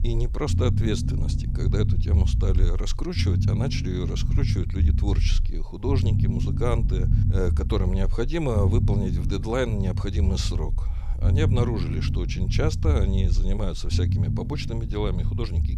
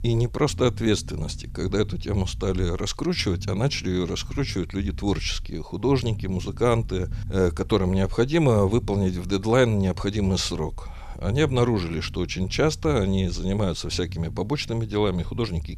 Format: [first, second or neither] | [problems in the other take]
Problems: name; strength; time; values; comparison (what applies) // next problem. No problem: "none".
second | low rumble; loud; throughout; 6 dB below the speech; faint in the second